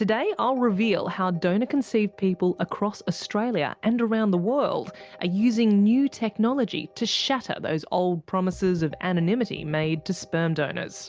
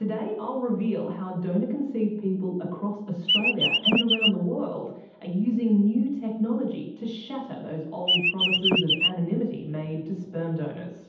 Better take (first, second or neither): first